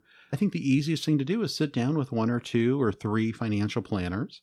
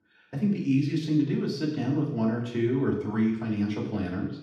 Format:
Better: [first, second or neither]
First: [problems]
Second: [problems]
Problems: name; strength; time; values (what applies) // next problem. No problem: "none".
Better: first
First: none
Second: room echo; noticeable; dies away in 0.8 s // off-mic speech; far